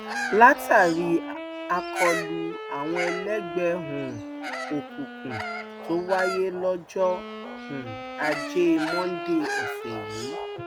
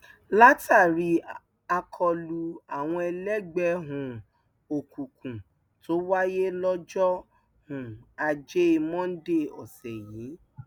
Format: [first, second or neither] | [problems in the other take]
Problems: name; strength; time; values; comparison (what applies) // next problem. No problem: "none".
second | background sound (Bird vocalization, bird call, bird song + Wind instrument, woodwind instrument); 7 dB below the speech